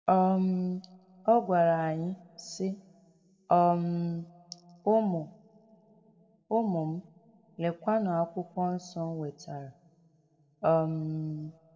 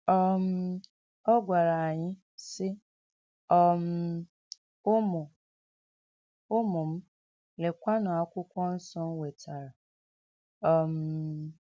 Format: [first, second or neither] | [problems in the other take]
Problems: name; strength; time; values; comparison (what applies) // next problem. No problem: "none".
second | room echo; dies away in 0.9 s